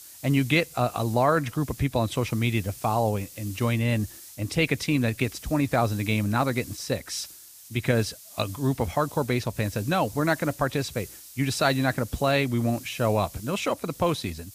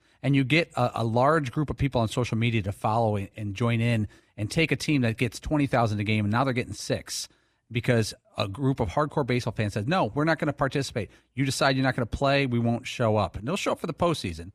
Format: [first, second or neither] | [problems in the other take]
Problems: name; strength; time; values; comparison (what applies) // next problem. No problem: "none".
second | hiss; noticeable; throughout; 15 dB below the speech